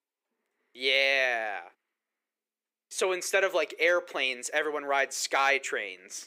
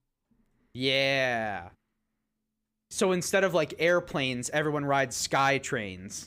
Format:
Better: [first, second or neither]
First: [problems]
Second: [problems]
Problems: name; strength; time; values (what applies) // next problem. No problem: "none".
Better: second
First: thin; very; fading below 400 Hz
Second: none